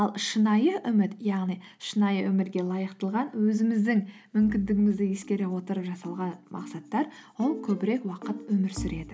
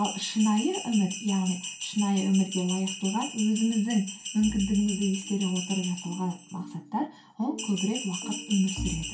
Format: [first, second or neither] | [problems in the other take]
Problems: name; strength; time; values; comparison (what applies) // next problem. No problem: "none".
first | background sound (Bell); 10 dB below the speech // room echo; dies away in 0.2 s